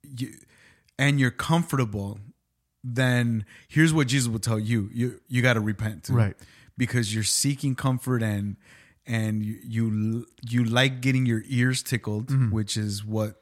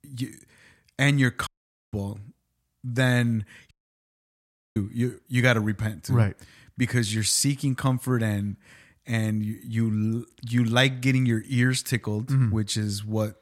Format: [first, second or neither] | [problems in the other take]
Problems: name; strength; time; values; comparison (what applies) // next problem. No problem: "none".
first | audio cutting out; at 1.5 s and at 3.5 s for 1 s